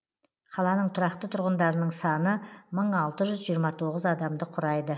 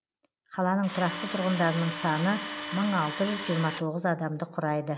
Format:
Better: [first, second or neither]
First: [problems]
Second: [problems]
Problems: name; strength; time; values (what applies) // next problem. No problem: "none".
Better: first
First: none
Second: background sound (Tools); 8 dB below the speech